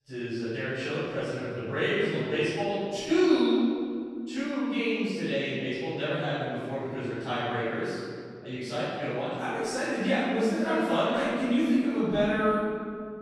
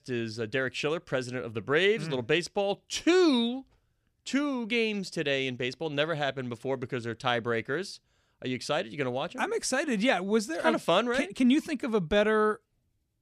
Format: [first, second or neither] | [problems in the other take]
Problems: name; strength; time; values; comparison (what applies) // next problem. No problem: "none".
second | off-mic speech; far // room echo; strong; dies away in 2.1 s